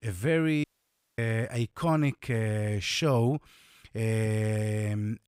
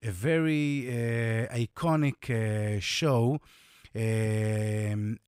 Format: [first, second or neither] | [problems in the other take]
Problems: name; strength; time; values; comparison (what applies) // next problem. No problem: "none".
second | audio cutting out; at 0.5 s for 0.5 s